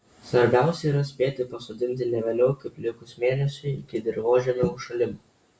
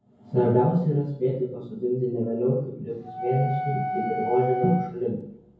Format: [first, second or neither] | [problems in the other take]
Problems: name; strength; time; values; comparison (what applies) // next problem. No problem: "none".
first | background sound (Wind instrument, woodwind instrument); 5 dB below the speech // room echo; dies away in 0.9 s